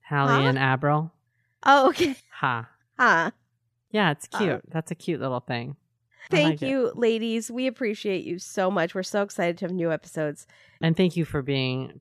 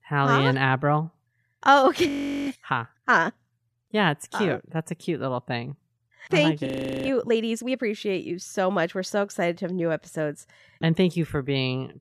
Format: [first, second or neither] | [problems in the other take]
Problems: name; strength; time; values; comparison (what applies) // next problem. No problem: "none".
first | audio freezing; at 2 s and at 6.5 s